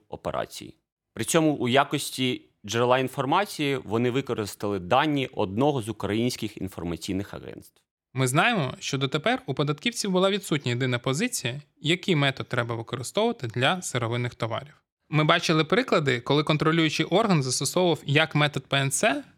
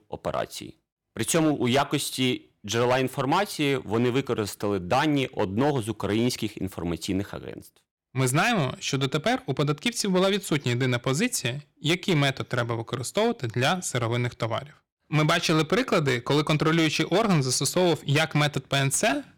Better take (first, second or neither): first